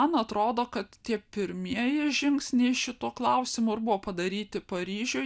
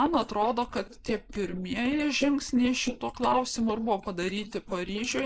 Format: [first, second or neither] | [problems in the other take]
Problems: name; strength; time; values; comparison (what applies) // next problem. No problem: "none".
first | noise reduction (neural mask model Resemble Enhance denoiser)